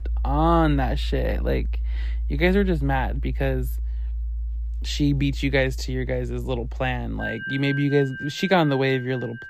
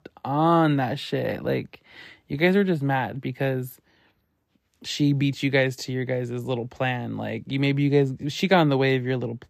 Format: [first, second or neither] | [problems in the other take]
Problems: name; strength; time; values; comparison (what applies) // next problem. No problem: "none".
second | background music; loud; throughout; 6 dB below the speech